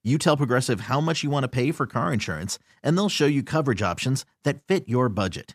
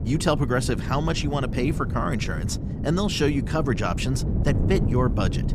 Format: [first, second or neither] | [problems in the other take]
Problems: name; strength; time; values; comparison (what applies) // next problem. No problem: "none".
first | wind noise on the microphone; occasional gusts; 10 dB below the speech